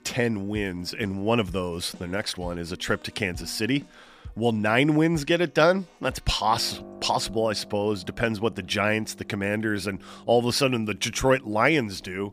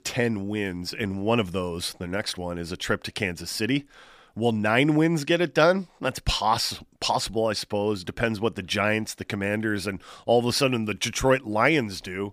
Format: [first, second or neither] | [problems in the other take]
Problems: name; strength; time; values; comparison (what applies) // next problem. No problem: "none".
second | background music; faint; throughout; 20 dB below the speech